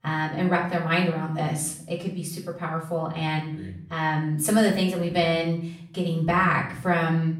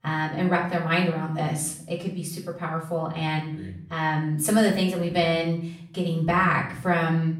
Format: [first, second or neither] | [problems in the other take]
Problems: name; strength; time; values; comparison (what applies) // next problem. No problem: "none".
neither | off-mic speech; far; the same in both // room echo; slight; dies away in 0.5 s; the same in both